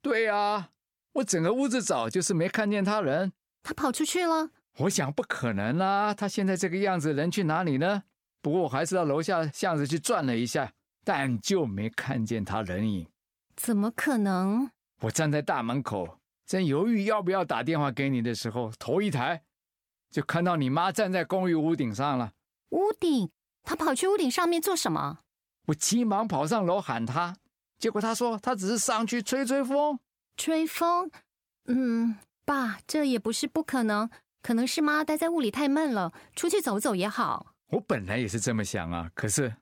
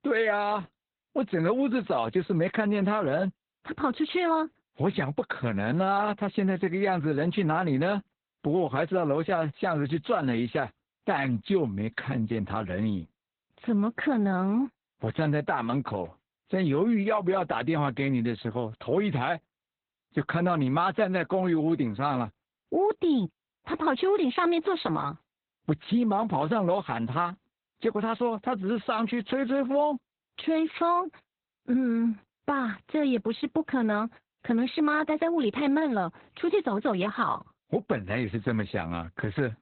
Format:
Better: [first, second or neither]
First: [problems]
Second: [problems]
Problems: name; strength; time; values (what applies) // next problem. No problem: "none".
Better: first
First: none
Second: garbled, watery; badly; nothing above 4 kHz